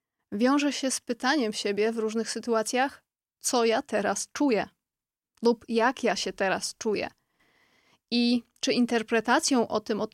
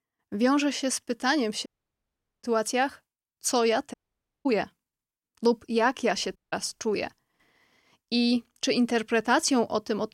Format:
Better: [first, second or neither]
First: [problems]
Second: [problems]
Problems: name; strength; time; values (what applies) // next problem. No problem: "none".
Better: first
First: none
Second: audio cutting out; at 1.5 s for 1 s, at 4 s for 0.5 s and at 6.5 s